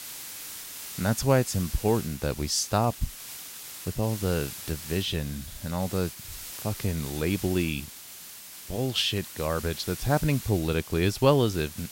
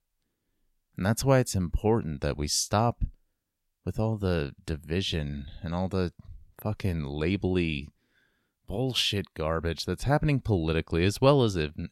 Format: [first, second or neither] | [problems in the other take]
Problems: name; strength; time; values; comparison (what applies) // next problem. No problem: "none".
second | hiss; noticeable; throughout; 10 dB below the speech